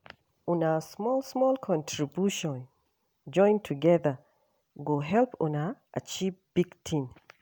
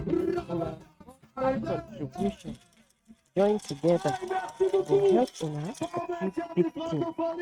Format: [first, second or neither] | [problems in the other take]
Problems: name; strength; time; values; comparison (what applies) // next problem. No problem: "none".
first | noise reduction (neural mask model RNNoise)